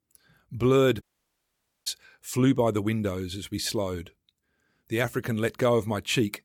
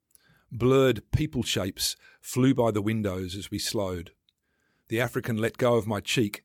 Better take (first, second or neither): second